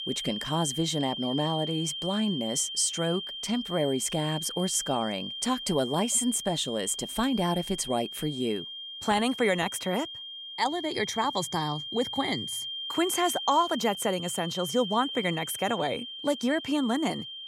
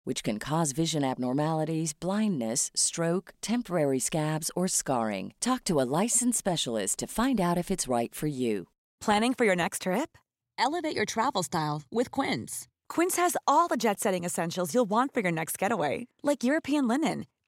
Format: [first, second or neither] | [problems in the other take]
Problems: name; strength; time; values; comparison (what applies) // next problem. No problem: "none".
second | high-pitched whine; loud; throughout; 3 kHz, 6 dB below the speech